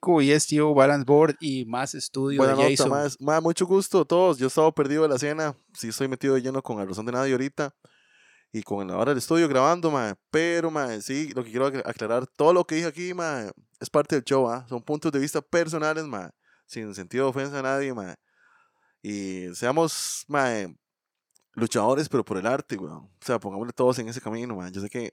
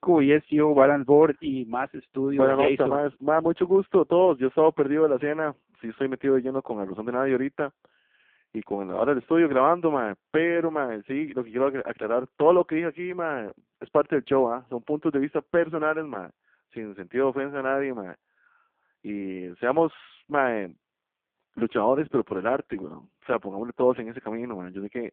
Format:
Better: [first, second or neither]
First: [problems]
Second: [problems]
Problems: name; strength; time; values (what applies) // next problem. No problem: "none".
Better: first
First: none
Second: phone-call audio; poor line